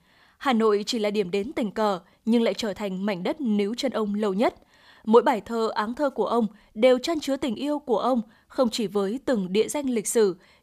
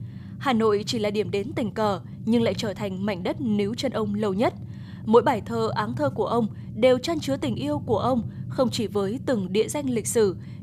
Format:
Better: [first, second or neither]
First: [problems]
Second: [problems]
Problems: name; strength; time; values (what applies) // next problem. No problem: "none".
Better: first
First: none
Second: low rumble; faint; throughout; 20 dB below the speech